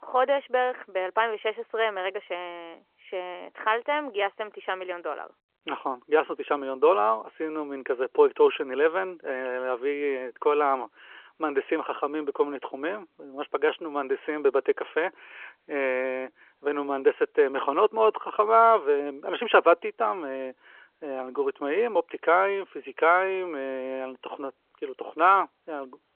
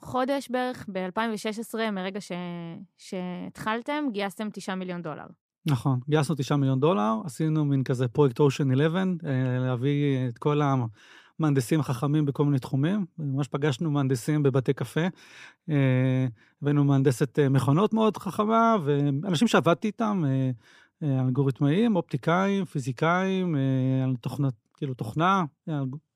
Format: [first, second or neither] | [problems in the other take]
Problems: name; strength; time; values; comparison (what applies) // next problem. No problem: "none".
second | phone-call audio